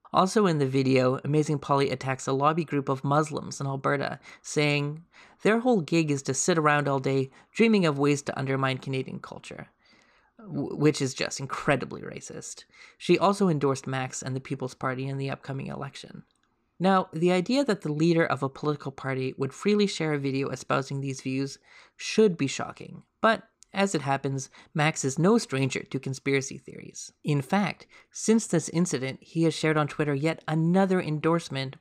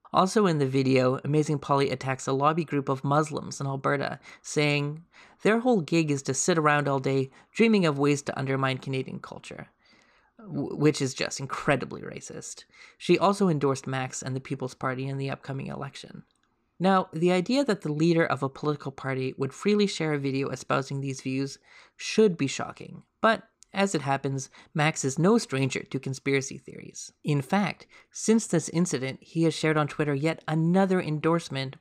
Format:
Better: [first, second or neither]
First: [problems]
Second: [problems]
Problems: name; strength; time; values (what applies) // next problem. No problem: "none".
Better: neither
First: none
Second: none